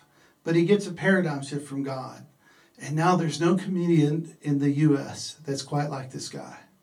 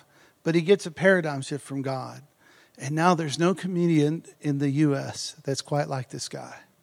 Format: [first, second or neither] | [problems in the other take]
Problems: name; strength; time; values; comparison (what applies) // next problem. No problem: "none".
second | off-mic speech; far // room echo; very slight; dies away in 0.2 s